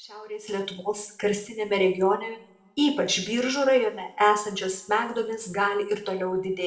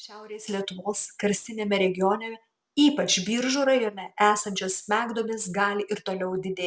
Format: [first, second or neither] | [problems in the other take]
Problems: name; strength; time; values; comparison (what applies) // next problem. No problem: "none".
second | room echo; dies away in 0.6 s